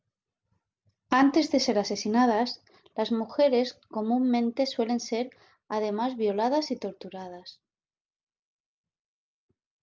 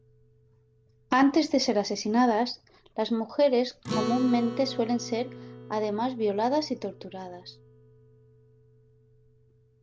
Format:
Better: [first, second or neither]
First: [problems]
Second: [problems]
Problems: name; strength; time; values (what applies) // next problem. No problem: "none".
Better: first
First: none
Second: background sound (Acoustic guitar); 12 dB below the speech